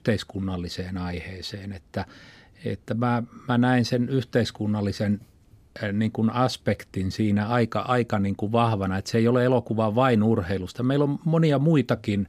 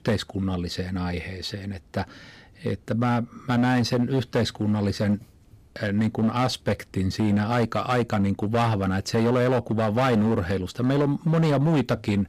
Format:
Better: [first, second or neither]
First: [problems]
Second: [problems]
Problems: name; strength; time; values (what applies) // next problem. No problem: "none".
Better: first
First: none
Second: distortion; slight; 10% of the sound clipped